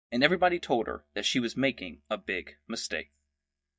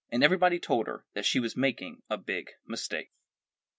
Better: second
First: noise reduction (neural mask model DeepFilterNet 3)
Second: none

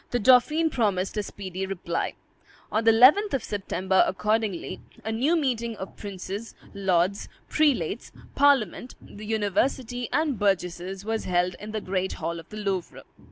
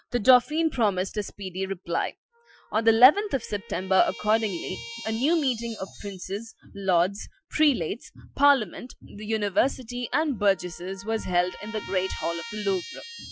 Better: first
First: none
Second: noise reduction (classical method Wiener filter)

